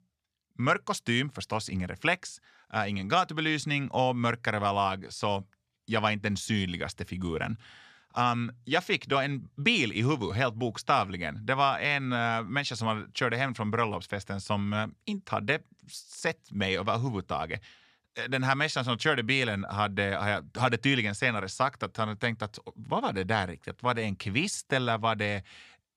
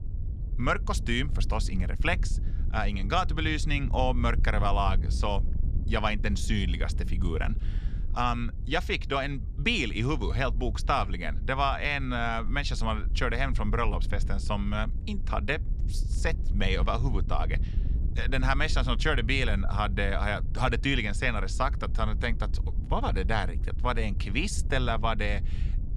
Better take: first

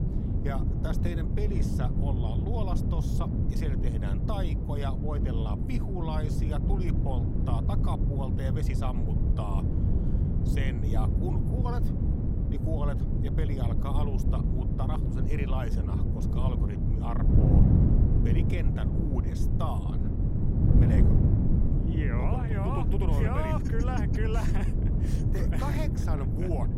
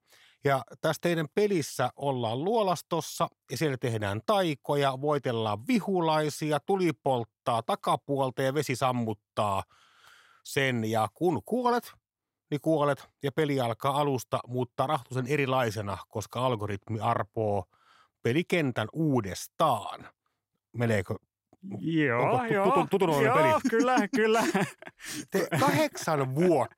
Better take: second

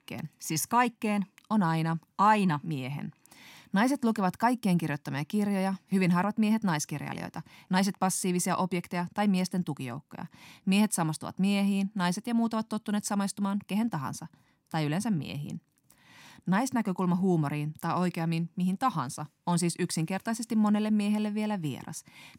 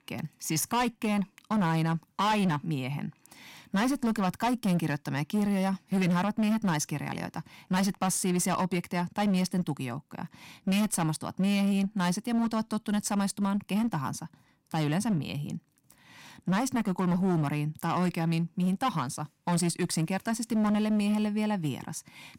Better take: first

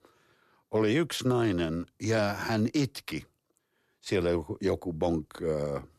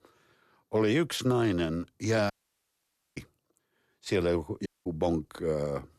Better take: first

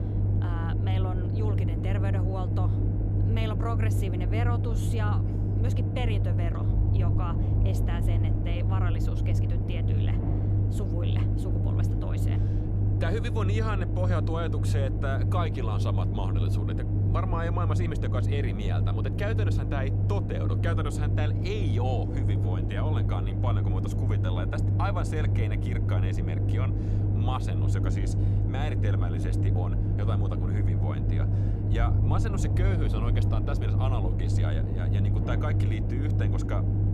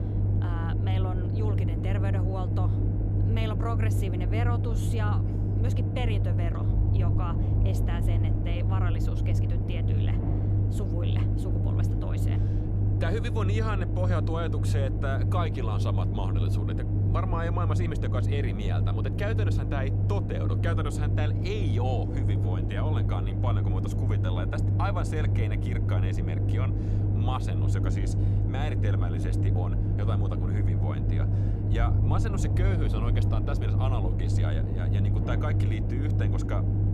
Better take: neither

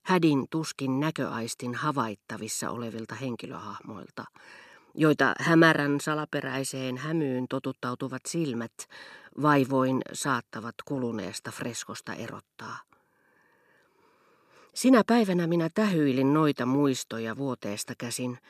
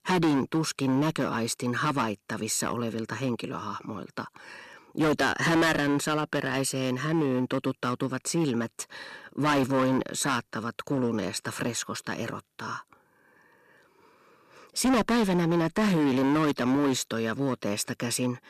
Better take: first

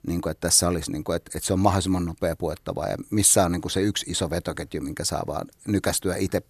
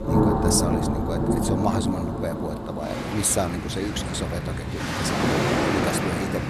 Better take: first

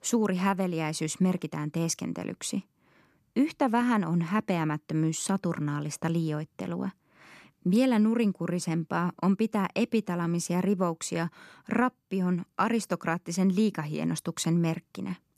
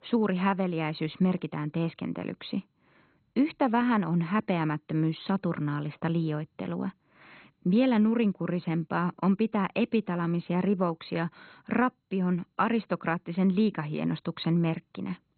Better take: first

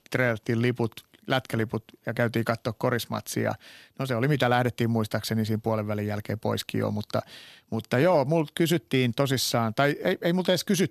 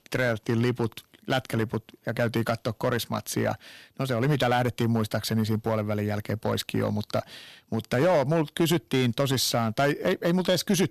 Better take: first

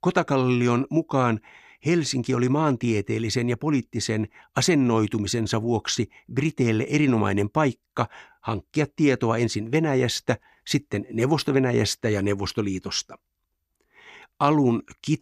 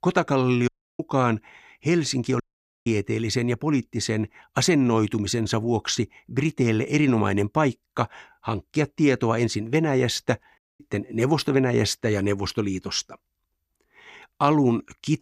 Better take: first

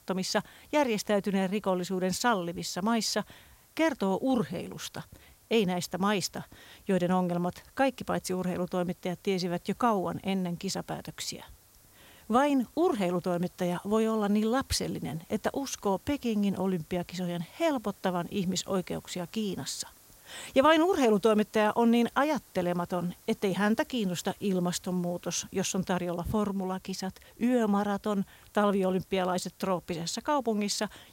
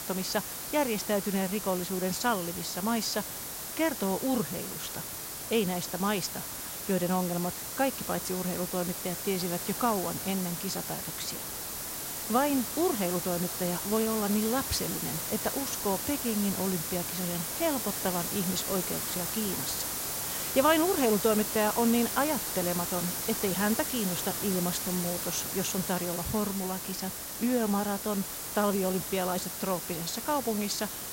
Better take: first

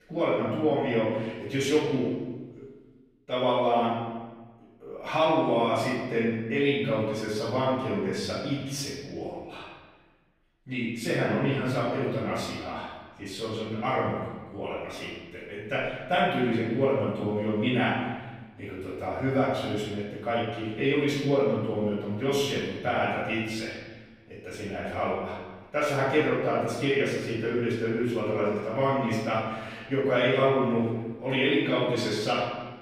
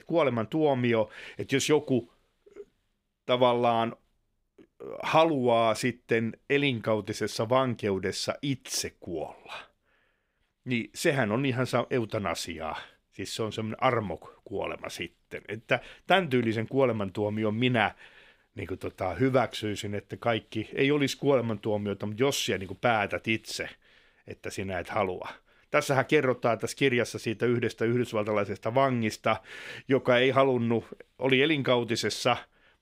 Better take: second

